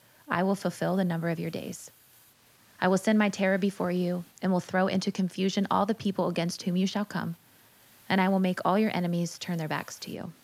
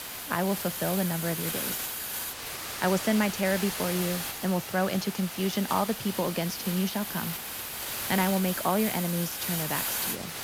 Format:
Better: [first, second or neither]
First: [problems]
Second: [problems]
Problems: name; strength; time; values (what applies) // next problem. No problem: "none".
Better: first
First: hiss; faint; throughout; 30 dB below the speech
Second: hiss; loud; throughout; 3 dB below the speech